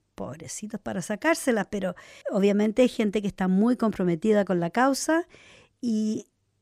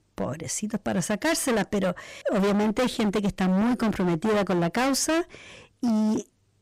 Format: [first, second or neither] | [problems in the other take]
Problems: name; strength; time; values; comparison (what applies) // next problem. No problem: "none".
first | distortion; heavy; 24% of the sound clipped